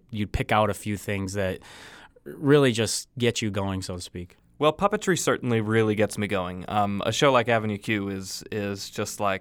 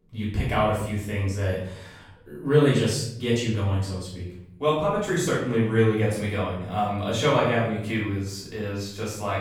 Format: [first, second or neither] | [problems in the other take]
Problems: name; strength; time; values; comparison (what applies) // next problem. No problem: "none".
first | room echo; noticeable; dies away in 0.8 s // off-mic speech; far